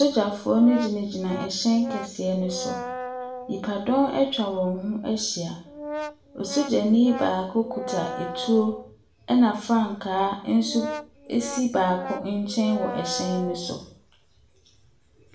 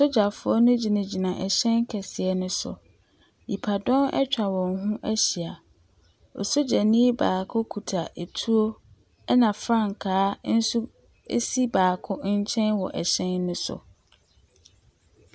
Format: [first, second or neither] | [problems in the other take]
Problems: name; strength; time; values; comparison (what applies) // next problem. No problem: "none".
second | background sound (Brass instrument); 10 dB below the speech // room echo; dies away in 0.5 s